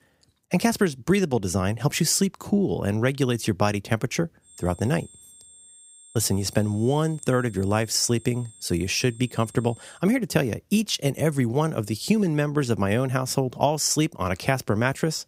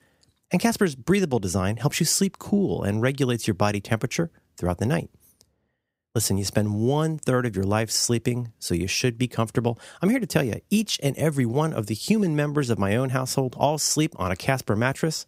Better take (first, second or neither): second